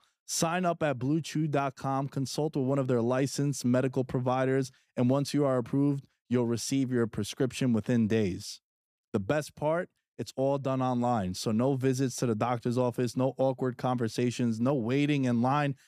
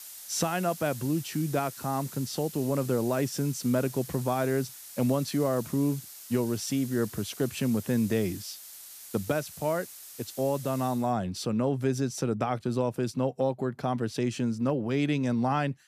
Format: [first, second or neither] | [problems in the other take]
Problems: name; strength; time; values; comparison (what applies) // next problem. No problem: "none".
first | hiss; noticeable; until 11 s; 15 dB below the speech